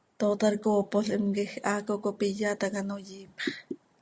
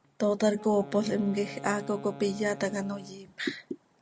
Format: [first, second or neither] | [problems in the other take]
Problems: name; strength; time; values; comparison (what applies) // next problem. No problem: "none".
first | background sound (Wind instrument, woodwind instrument); 16 dB below the speech